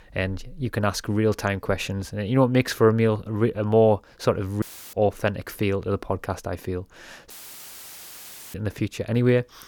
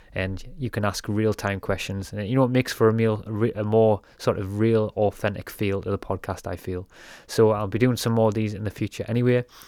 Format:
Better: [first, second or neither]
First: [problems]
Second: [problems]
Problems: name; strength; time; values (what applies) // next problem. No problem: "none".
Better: second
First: audio cutting out; filled with static; at 4.5 s and at 7.5 s for 1 s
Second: none